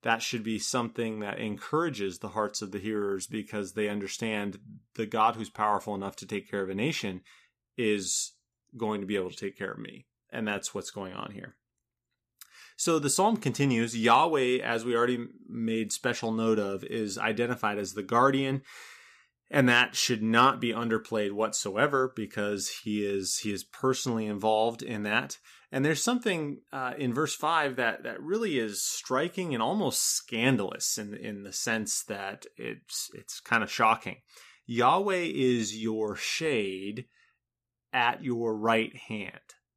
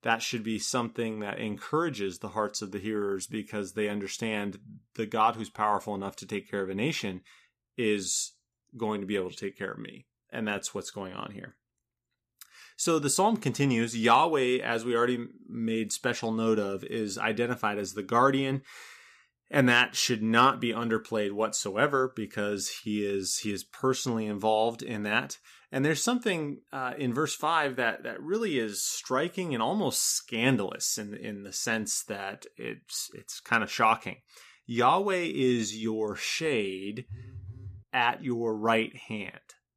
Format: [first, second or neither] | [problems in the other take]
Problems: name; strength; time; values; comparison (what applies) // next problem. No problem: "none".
first | phone ringing; faint; at 37 s; peak 15 dB below the speech